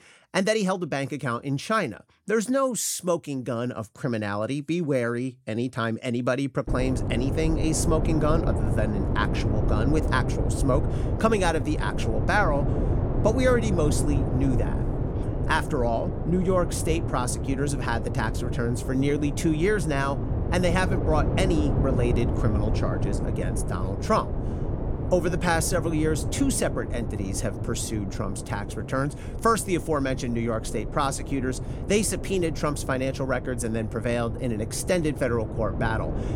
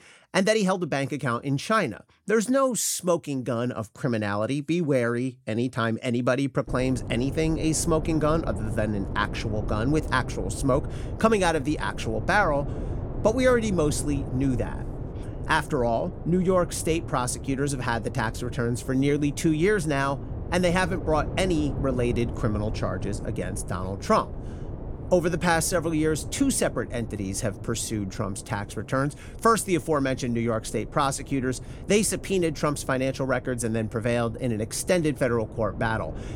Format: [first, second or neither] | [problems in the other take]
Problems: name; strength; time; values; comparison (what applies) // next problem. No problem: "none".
second | wind noise on the microphone; heavy; from 6.5 s on; 8 dB below the speech; occasional gusts in the second